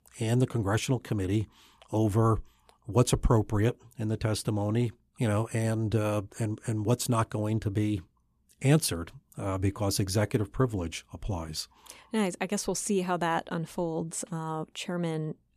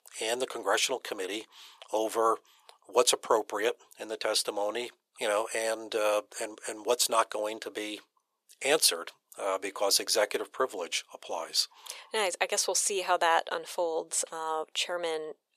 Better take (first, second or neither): first